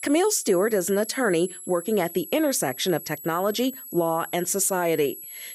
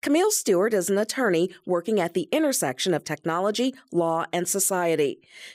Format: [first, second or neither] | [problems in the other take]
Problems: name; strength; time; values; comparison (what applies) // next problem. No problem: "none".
second | high-pitched whine; noticeable; throughout; 11.5 kHz, 15 dB below the speech